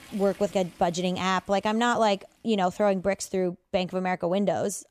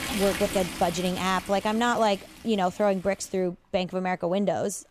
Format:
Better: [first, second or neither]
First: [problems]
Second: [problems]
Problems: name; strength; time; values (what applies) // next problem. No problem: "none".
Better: first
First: rain or running water; faint; throughout; 25 dB below the speech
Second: rain or running water; loud; throughout; 9 dB below the speech